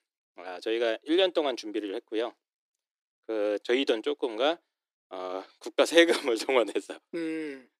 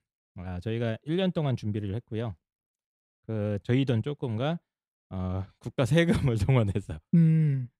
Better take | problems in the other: second | thin; very; fading below 300 Hz

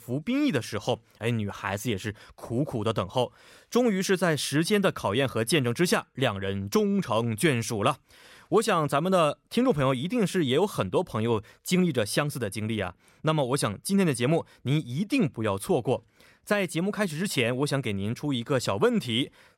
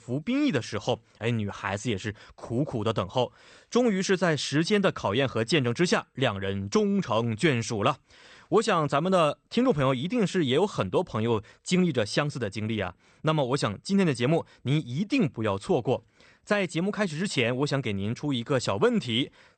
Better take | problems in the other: first | garbled, watery; slightly; nothing above 8.5 kHz

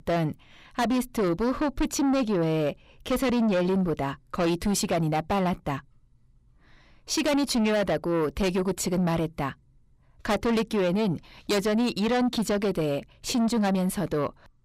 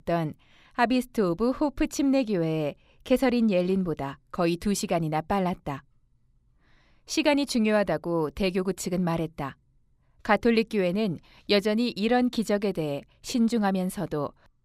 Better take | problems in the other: second | distortion; heavy; 7 dB below the speech

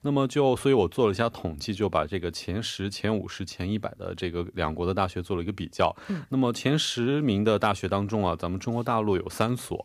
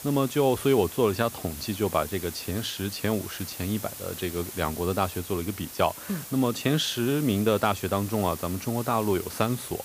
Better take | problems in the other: first | hiss; noticeable; throughout; 10 dB below the speech

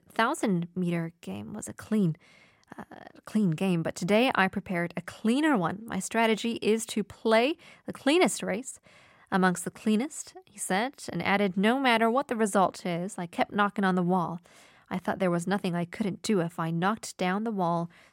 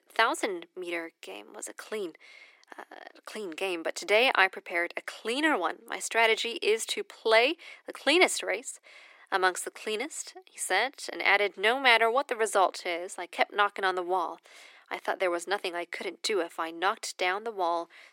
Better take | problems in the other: first | thin; very; fading below 300 Hz

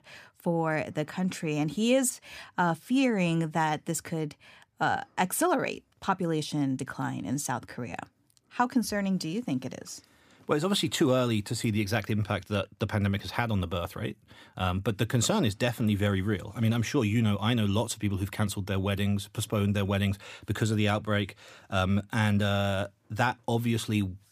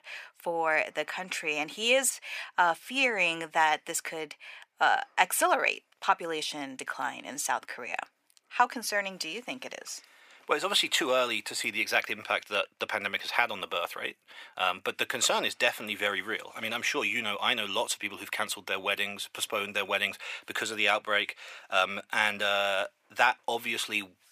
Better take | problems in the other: first | thin; very; fading below 650 Hz

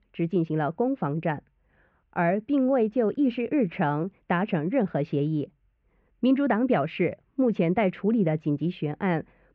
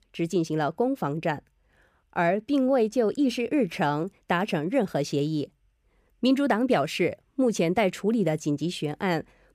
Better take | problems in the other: second | muffled; very; fading above 2.5 kHz

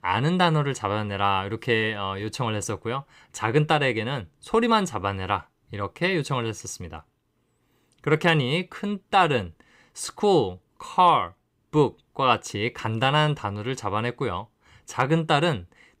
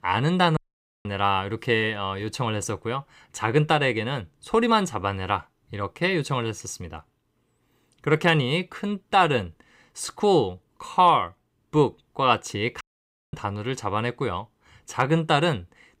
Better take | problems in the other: first | audio cutting out; at 0.5 s and at 13 s for 0.5 s

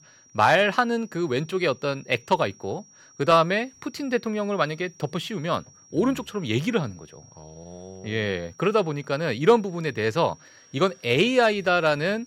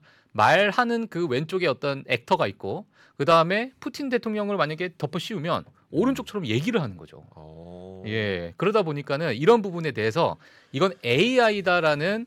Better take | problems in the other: second | high-pitched whine; faint; throughout; 5.5 kHz, 25 dB below the speech

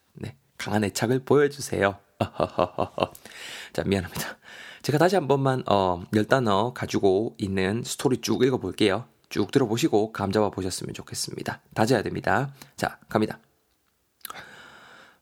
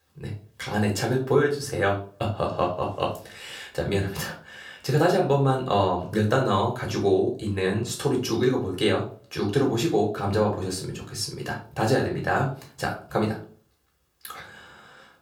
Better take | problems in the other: first | room echo; slight; dies away in 0.3 s // off-mic speech; somewhat distant

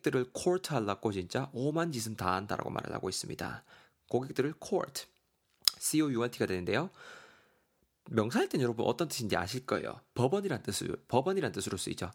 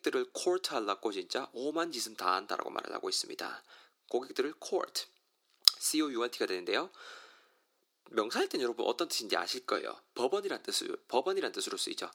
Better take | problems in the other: first | thin; somewhat; fading below 350 Hz

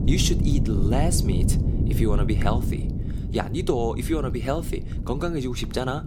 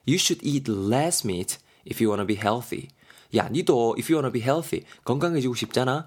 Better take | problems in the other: second | wind noise on the microphone; heavy; 8 dB below the speech

